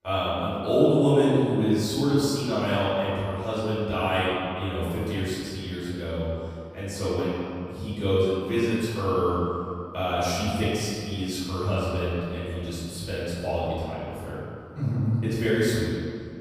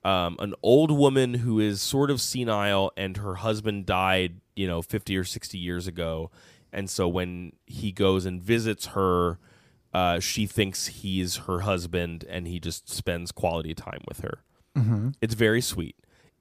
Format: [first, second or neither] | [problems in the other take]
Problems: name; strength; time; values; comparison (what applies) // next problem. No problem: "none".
second | room echo; strong; dies away in 2.2 s // off-mic speech; far